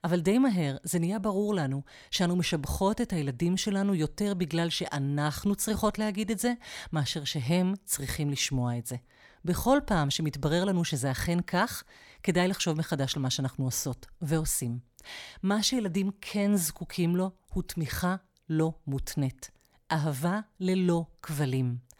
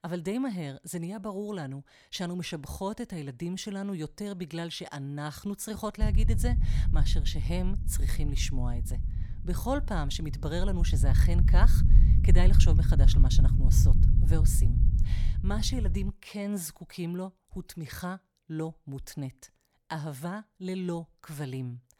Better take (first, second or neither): first